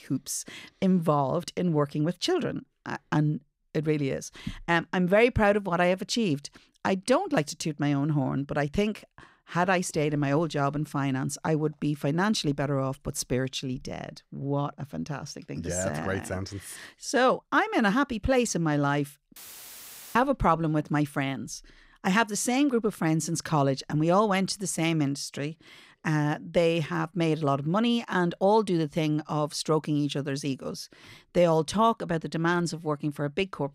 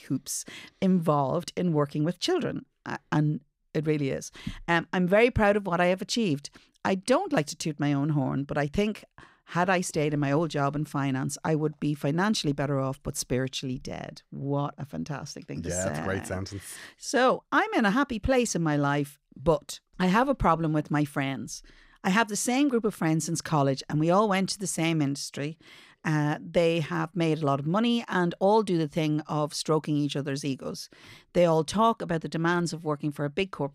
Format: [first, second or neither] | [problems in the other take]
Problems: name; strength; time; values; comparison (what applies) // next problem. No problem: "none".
second | audio cutting out; filled with static; at 19 s for 1 s